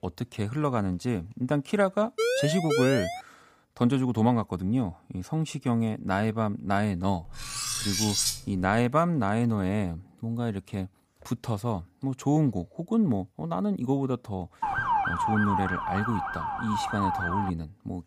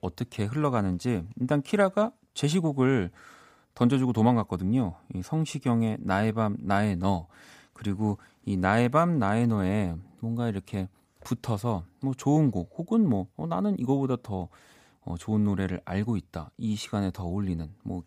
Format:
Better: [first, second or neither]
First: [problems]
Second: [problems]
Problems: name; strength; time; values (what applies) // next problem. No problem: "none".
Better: second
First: siren; loud; from 2 to 3 s and from 15 to 17 s; peak 3 dB above the speech // clattering dishes; loud; from 7.5 to 9 s; peak 4 dB above the speech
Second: none